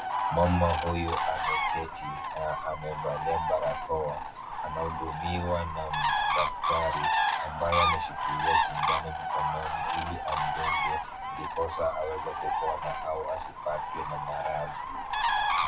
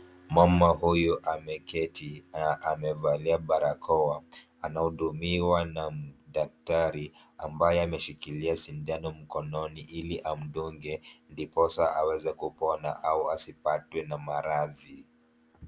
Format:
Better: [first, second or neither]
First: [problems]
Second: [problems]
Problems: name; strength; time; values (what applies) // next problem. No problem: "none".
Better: second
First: background sound (Bird); 3 dB above the speech // room echo; dies away in 0.3 s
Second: none